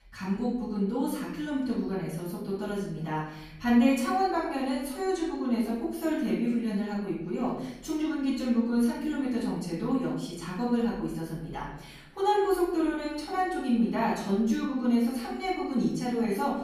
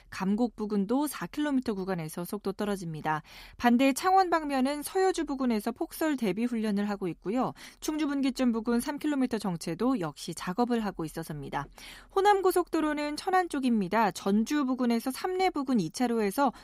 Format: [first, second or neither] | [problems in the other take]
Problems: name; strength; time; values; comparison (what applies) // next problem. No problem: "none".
second | off-mic speech; far // room echo; noticeable; dies away in 0.8 s